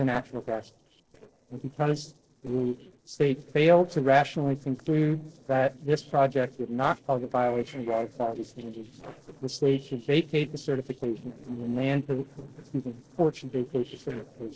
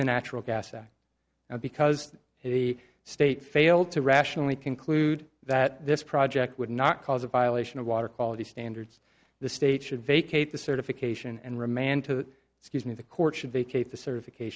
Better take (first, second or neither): second